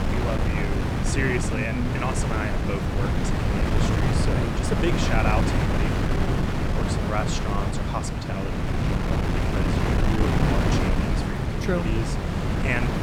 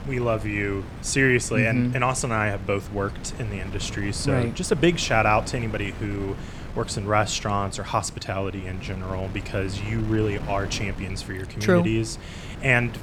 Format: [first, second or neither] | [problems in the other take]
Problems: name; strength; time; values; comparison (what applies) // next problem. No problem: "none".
second | wind noise on the microphone; heavy; 2 dB above the speech; occasional gusts in the second